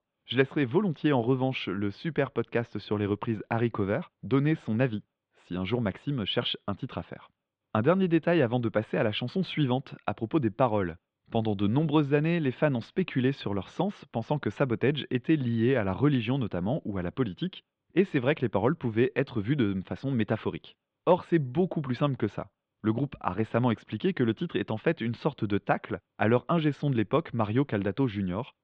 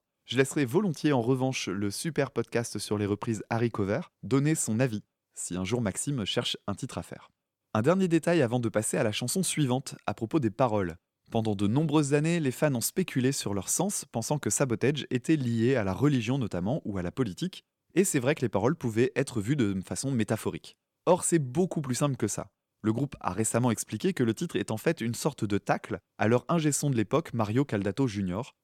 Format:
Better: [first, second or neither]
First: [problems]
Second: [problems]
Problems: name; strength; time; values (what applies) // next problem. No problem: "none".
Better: second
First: muffled; very; fading above 3.5 kHz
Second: none